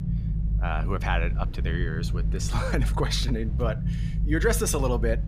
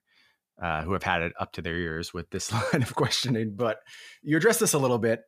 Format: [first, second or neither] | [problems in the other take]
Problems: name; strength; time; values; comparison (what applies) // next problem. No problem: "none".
second | low rumble; noticeable; throughout; 15 dB below the speech